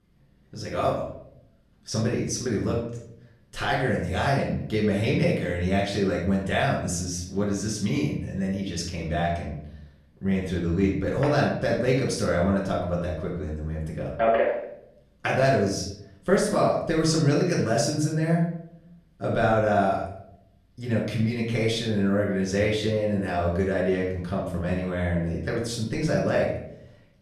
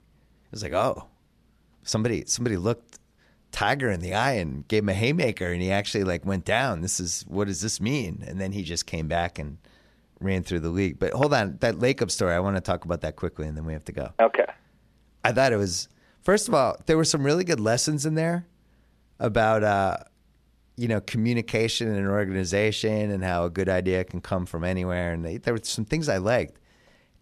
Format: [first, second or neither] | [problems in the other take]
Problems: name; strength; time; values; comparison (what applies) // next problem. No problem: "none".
second | room echo; noticeable; dies away in 0.7 s // off-mic speech; far